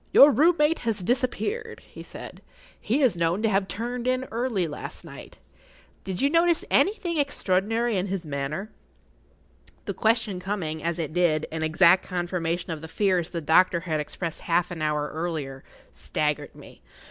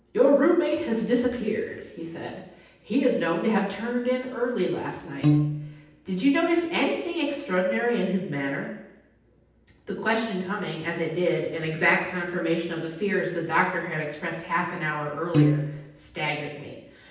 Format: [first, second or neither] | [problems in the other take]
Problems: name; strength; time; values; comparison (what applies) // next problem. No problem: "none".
first | background sound (Piano); 2 dB above the speech // room echo; dies away in 0.9 s